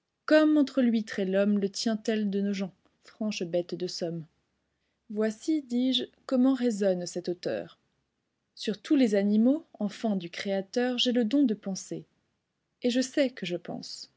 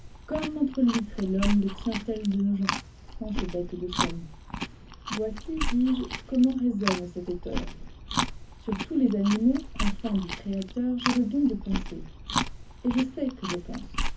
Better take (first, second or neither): first